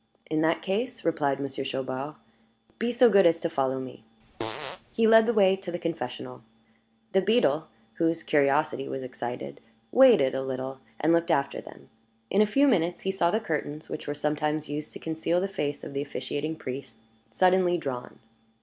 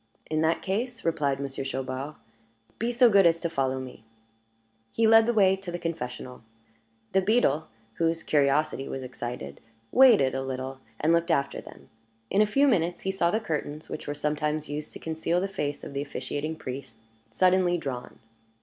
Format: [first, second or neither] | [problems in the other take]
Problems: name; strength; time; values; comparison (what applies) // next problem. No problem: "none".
second | background sound (Fart); 12 dB below the speech